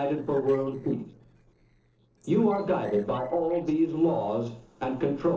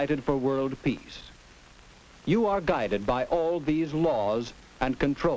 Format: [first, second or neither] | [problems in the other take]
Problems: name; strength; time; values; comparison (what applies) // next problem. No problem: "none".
second | noise reduction (neural separator model SepFormer DNS4)